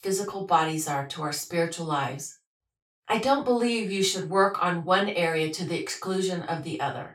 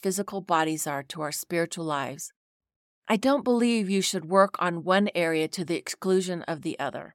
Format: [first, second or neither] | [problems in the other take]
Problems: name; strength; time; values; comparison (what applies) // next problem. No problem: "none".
second | room echo; slight; dies away in 0.3 s // off-mic speech; far